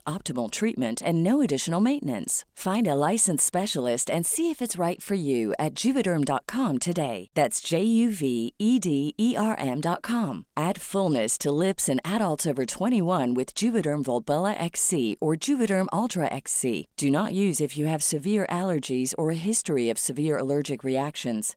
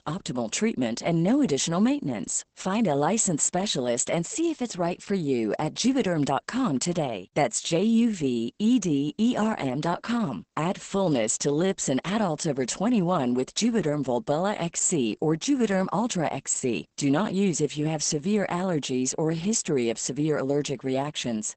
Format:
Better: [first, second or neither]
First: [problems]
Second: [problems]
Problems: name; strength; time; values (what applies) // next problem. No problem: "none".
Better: first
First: garbled, watery; slightly; nothing above 16.5 kHz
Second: garbled, watery; badly; nothing above 8 kHz